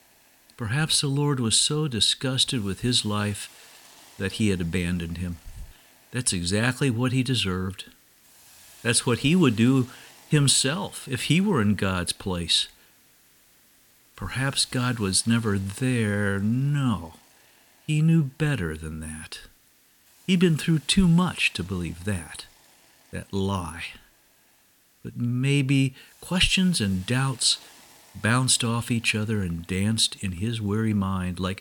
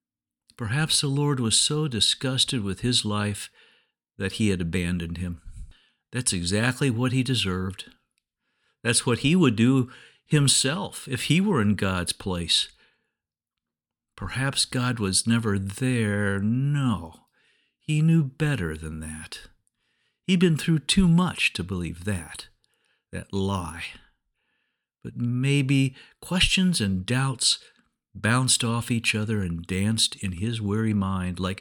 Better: second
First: hiss; faint; throughout; 25 dB below the speech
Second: none

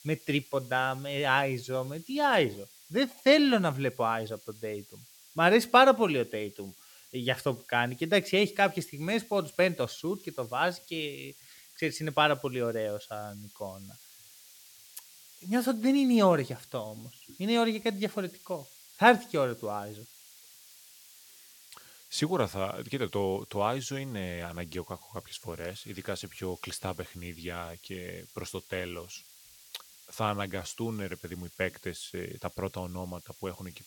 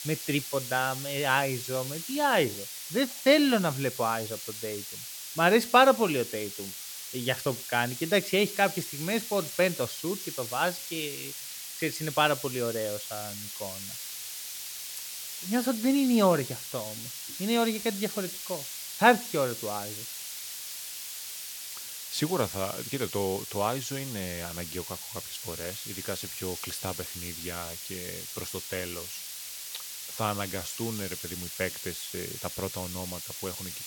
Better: first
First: hiss; faint; throughout; 20 dB below the speech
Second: hiss; loud; throughout; 7 dB below the speech

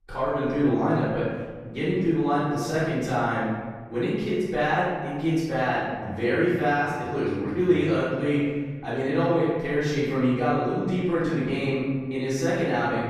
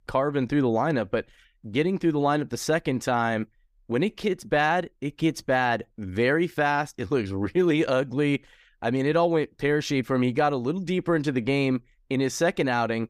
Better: second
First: room echo; strong; dies away in 1.6 s // off-mic speech; far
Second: none

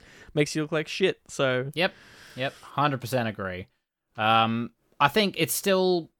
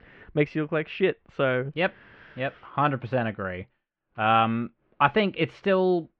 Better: first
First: none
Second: muffled; very; fading above 2.5 kHz

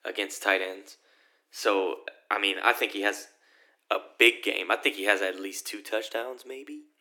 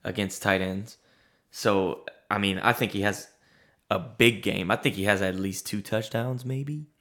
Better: second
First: thin; somewhat; fading below 300 Hz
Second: none

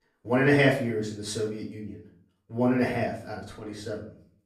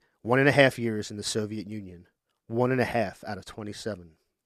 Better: second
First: off-mic speech; far // room echo; slight; dies away in 0.4 s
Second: none

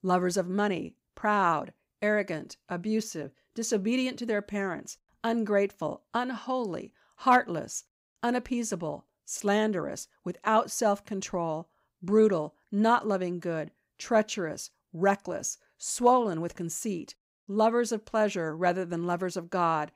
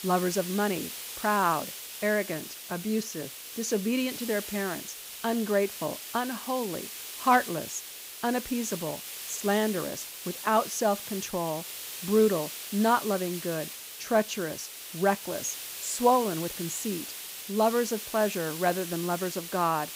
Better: first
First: none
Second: hiss; loud; throughout; 8 dB below the speech

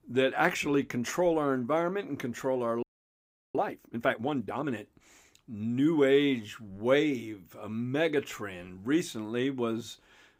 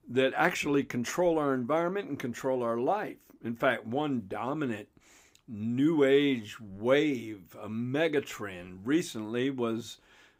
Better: second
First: audio freezing; at 3 s for 0.5 s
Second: none

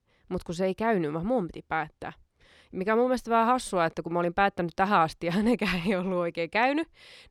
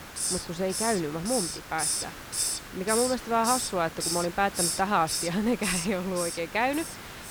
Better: first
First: none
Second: hiss; loud; throughout; 2 dB below the speech

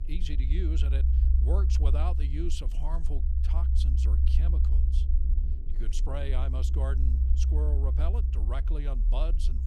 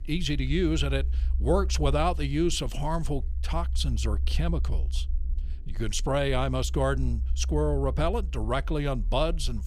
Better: second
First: low rumble; loud; throughout; 5 dB below the speech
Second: low rumble; faint; throughout; 20 dB below the speech

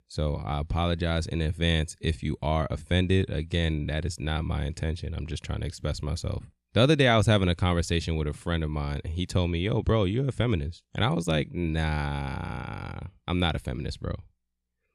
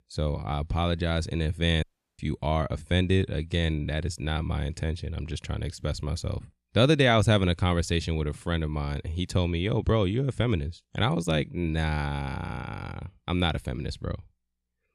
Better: first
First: none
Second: audio cutting out; at 2 s

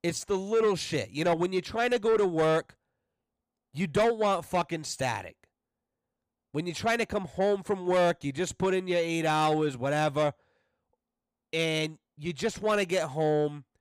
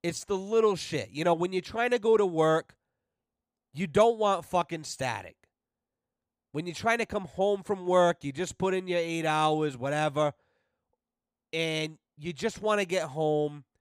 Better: second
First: distortion; slight; 10 dB below the speech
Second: none

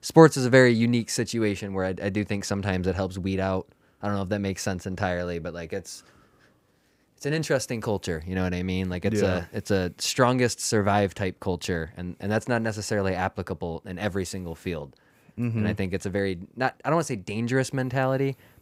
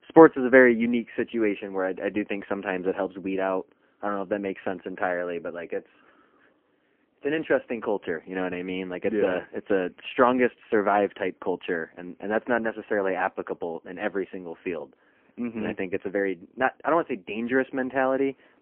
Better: first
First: none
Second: phone-call audio; poor line

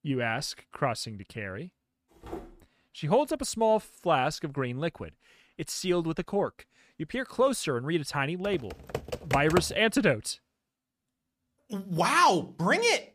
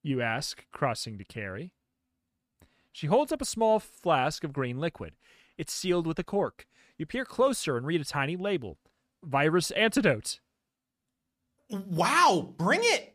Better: second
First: footsteps; faint; at 2 s; peak 15 dB below the speech // keyboard typing; noticeable; from 8.5 to 9.5 s; peak 3 dB below the speech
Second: none

